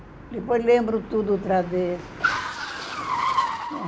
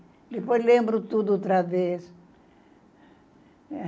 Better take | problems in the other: second | background sound (Car); 4 dB below the speech

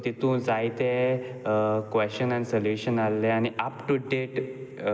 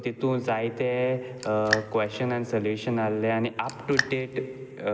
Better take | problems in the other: first | background sound (Raindrop); 7 dB below the speech

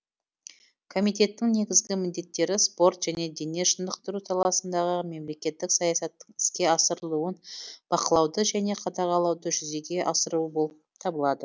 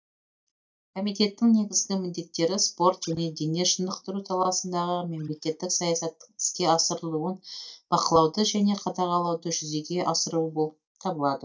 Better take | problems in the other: first | noise reduction (neural mask model DeepFilterNet 3)

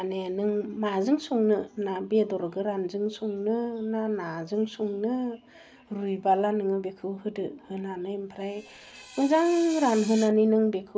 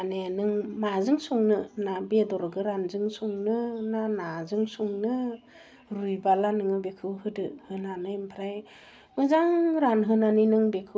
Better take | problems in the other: second | background sound (Screech); 18 dB below the speech

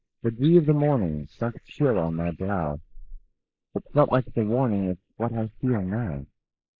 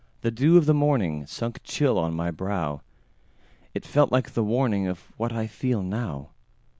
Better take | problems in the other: second | noise reduction (neural mask model Resemble Enhance denoiser)

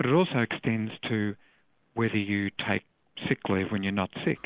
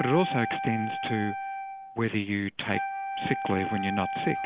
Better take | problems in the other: first | background sound (Wind instrument, woodwind instrument); 4 dB below the speech

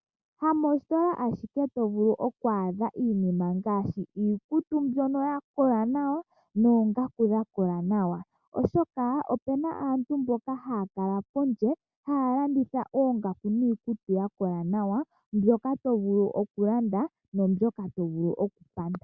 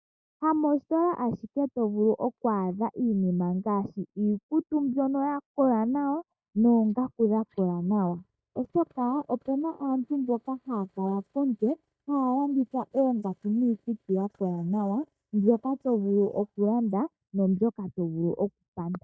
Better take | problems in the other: first | noise reduction (neural mask model DeepFilterNet 3)

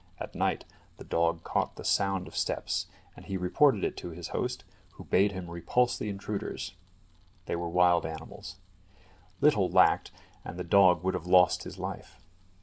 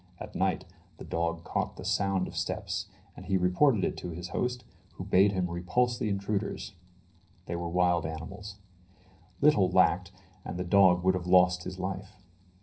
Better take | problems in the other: first | room echo; dies away in 0.5 s

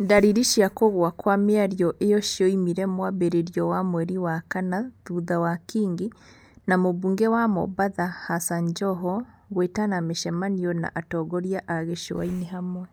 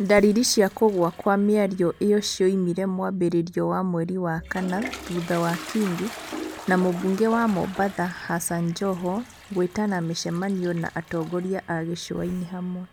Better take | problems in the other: first | background sound (Toilet flush); 17 dB below the speech

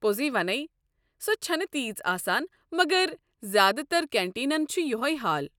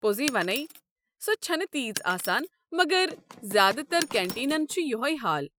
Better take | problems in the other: first | noise reduction (classical method Wiener filter)

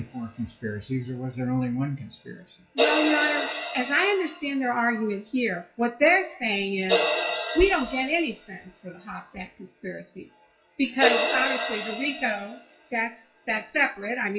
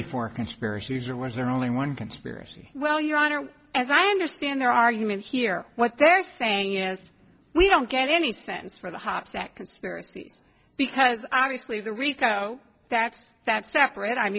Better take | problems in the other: second | noise reduction (classical method WPE with log-MMSE)

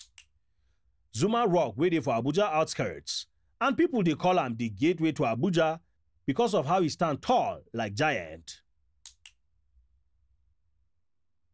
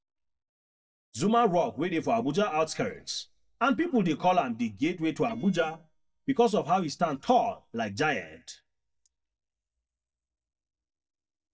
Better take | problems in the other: first | noise reduction (neural mask model DeepFilterNet 3)

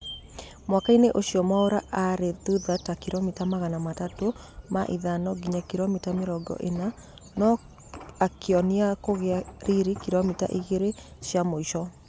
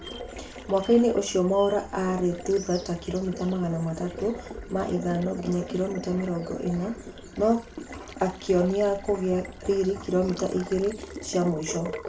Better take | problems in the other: first | background sound (Water tap, faucet); 14 dB below the speech // room echo; dies away in 0.3 s

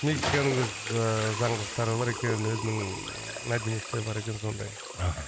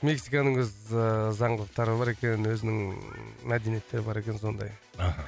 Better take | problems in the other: second | background sound (Bathtub (filling or washing) / Splash, splatter + Sink (filling or washing) / Water tap, faucet); 6 dB below the speech

